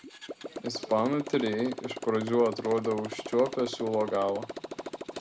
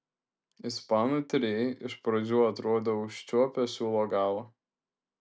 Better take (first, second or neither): second